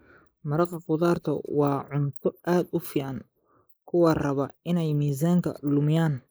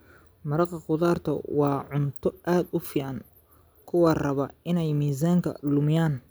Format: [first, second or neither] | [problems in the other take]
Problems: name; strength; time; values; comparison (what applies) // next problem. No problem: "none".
second | noise reduction (neural mask model Resemble Enhance denoiser)